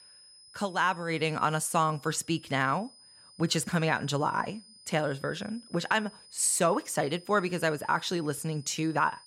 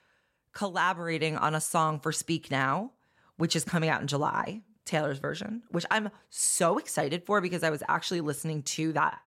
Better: second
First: high-pitched whine; faint; throughout; 5 kHz, 25 dB below the speech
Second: none

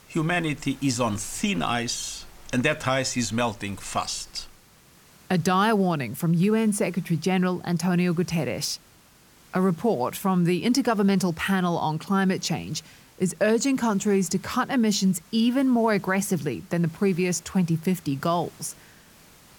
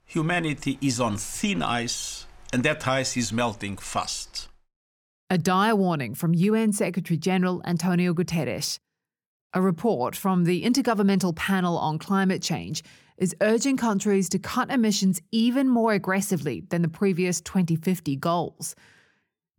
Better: second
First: hiss; faint; throughout; 25 dB below the speech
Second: none

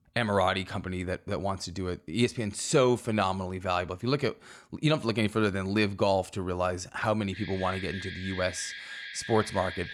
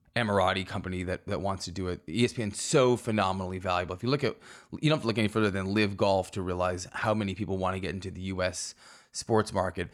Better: second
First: alarm; noticeable; from 7.5 s on; peak 9 dB below the speech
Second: none

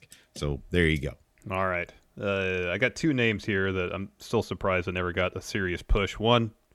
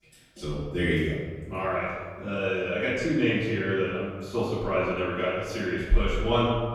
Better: first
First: none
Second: room echo; strong; dies away in 1.4 s // off-mic speech; far

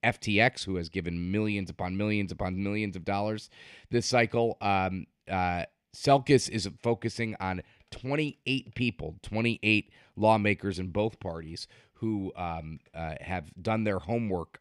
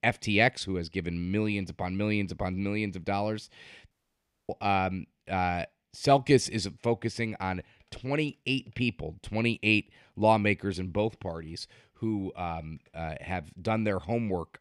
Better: first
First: none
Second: audio cutting out; at 4 s for 0.5 s

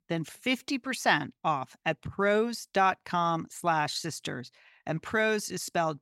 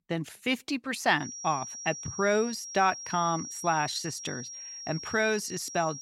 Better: first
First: none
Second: high-pitched whine; loud; from 1 s on; 5.5 kHz, 9 dB below the speech

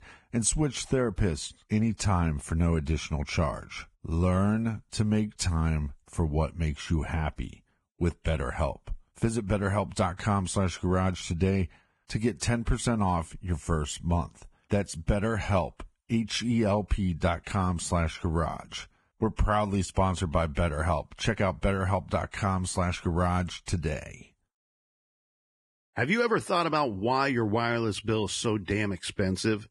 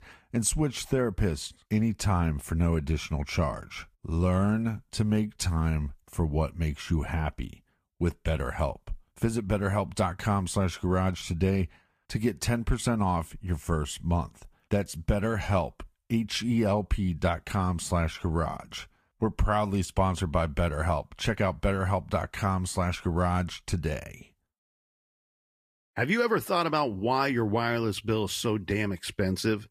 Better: second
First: garbled, watery; badly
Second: garbled, watery; slightly; nothing above 14.5 kHz

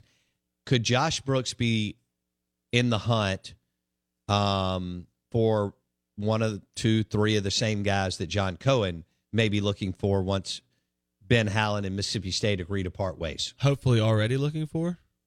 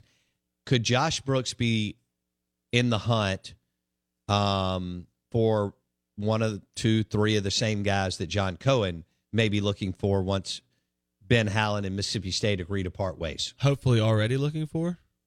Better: neither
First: none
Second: none

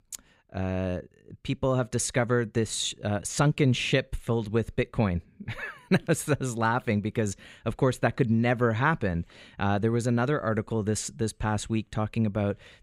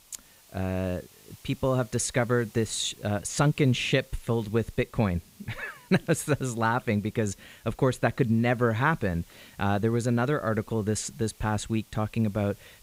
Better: first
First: none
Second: hiss; faint; throughout; 25 dB below the speech

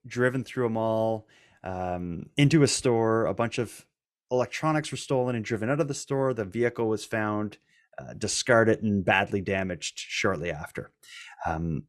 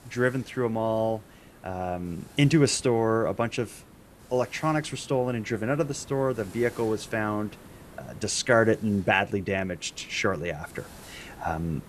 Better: first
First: none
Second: hiss; faint; throughout; 20 dB below the speech

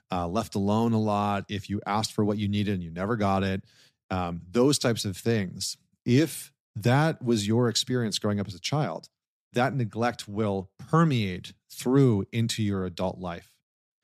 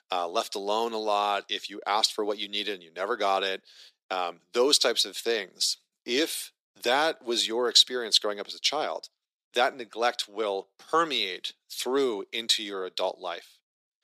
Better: first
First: none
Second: thin; very; fading below 400 Hz

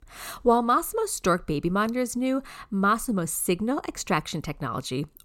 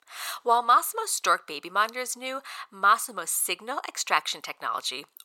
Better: first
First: none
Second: thin; very; fading below 950 Hz

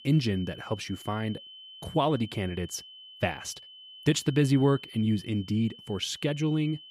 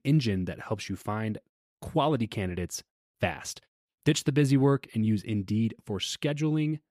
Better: second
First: high-pitched whine; noticeable; throughout; 3 kHz, 15 dB below the speech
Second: none

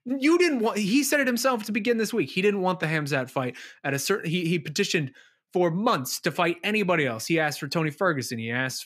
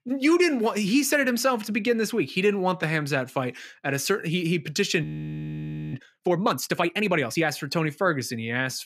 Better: first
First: none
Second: audio freezing; at 5 s for 1 s

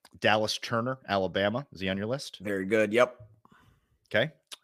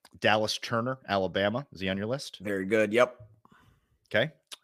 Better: neither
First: none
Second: none

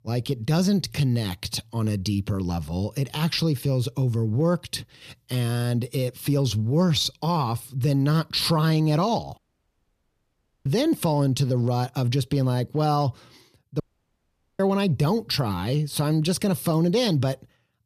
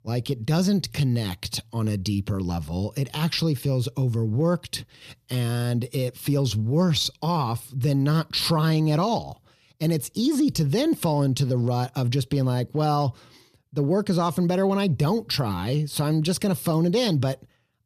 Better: second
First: audio cutting out; at 9.5 s for 1.5 s and at 14 s for 1 s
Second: none

